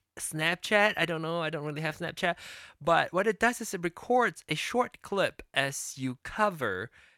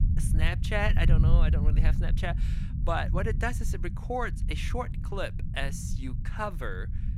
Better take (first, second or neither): first